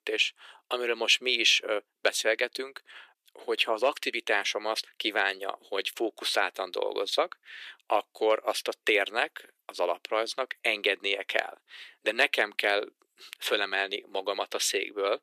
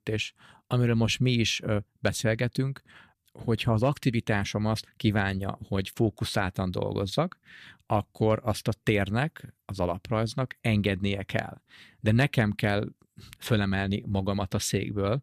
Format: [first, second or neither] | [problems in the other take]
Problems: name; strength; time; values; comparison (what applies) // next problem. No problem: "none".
second | thin; very; fading below 350 Hz